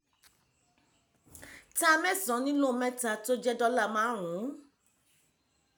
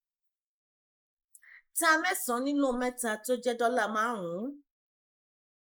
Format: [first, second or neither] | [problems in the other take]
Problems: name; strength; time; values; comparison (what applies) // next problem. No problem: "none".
first | noise reduction (neural mask model Resemble Enhance denoiser)